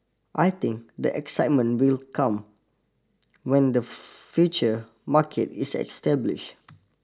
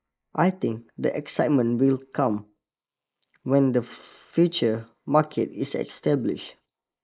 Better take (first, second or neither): first